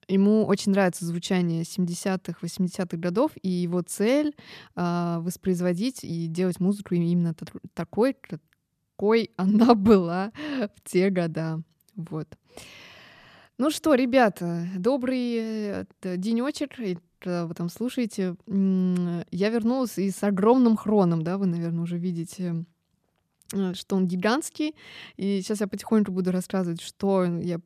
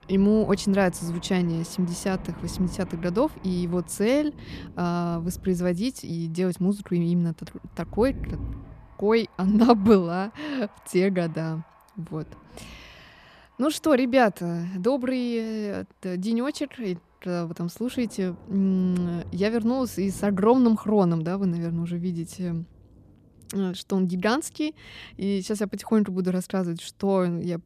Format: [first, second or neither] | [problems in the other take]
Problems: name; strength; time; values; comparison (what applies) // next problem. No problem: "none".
first | rain or running water; noticeable; throughout; 20 dB below the speech